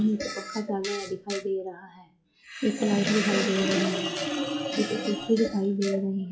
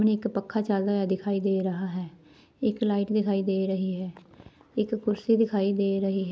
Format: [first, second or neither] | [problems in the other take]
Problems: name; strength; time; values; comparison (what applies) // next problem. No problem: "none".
second | noise reduction (classical method log-MMSE)